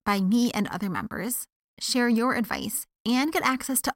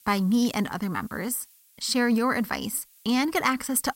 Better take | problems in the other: first | hiss; faint; throughout; 25 dB below the speech

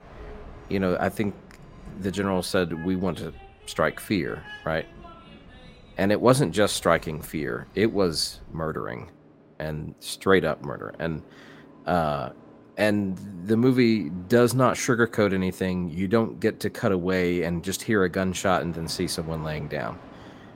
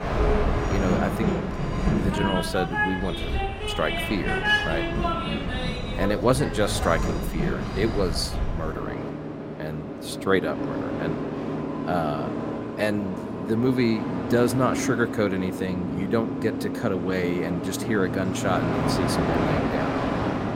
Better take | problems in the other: first | train or aircraft noise; loud; throughout; as loud as the speech; faint in the first

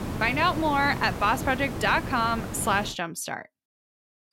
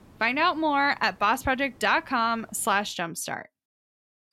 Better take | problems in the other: second | hiss; loud; until 3 s; 8 dB below the speech; faint in the second

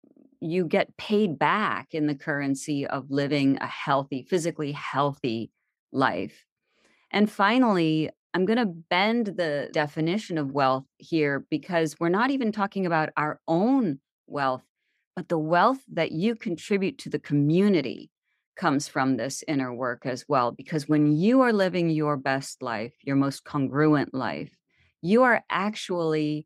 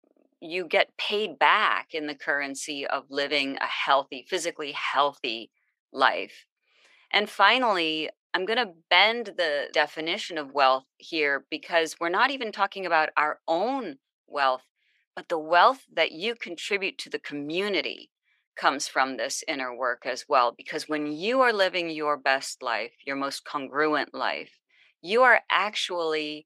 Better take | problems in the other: first | thin; very; fading below 600 Hz

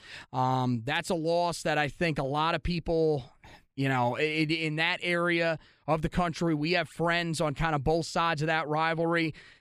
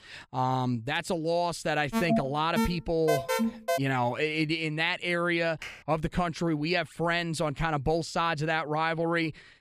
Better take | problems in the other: first | alarm; loud; from 2 to 4 s; peak 1 dB above the speech // keyboard typing; faint; at 5.5 s; peak 15 dB below the speech

